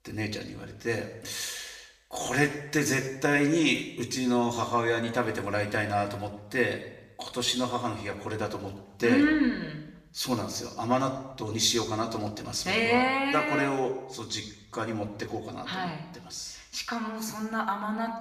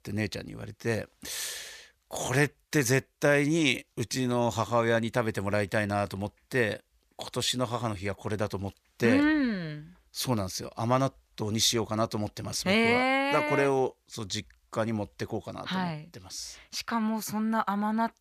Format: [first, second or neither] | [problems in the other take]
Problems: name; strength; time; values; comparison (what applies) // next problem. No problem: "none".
second | room echo; slight; dies away in 0.8 s // off-mic speech; somewhat distant